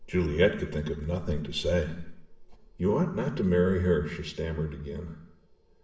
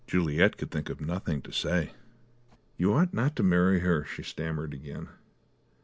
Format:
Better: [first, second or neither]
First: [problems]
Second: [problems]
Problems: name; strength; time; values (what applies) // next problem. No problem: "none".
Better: second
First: room echo; dies away in 0.8 s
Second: none